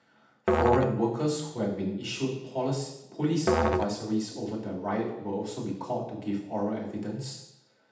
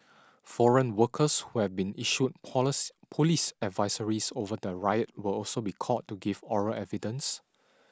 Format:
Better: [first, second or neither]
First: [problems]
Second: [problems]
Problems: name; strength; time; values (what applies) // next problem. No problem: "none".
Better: second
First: background sound (Musical instrument); 2 dB below the speech // room echo; dies away in 0.8 s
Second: none